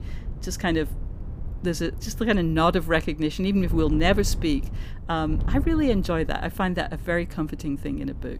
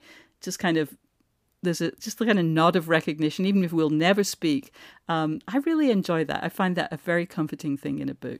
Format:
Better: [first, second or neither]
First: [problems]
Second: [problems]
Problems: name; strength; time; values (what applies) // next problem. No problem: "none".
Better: second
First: wind noise on the microphone; occasional gusts; 20 dB below the speech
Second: none